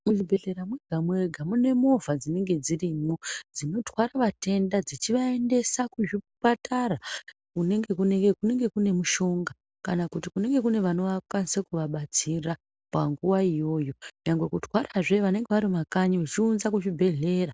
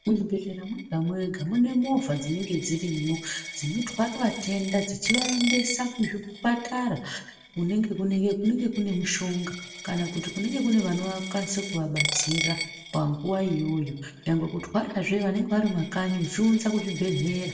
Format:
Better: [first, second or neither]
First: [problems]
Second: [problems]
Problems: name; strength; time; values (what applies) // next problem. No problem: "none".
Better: first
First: none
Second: background sound (Coin (dropping)); 10 dB below the speech // room echo; dies away in 0.6 s